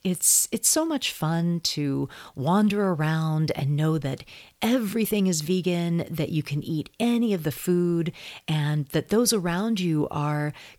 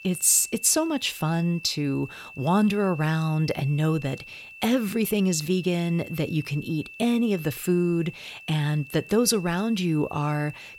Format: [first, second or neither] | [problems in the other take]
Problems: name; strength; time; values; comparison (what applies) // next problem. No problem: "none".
first | high-pitched whine; noticeable; throughout; 2.5 kHz, 15 dB below the speech